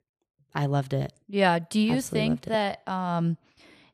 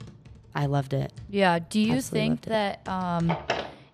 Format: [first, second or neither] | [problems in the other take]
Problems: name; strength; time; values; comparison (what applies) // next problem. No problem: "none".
first | household noises; loud; throughout; 9 dB below the speech